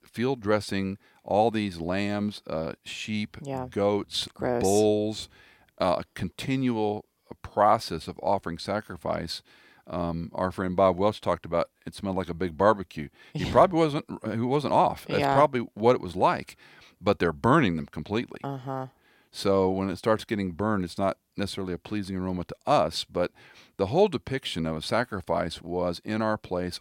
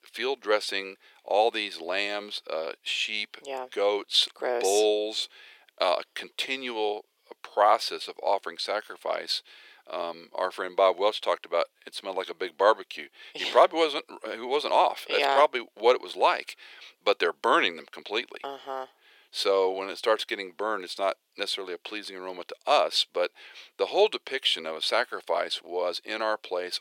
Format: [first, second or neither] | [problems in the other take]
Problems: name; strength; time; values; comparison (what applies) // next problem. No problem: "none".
first | thin; very; fading below 400 Hz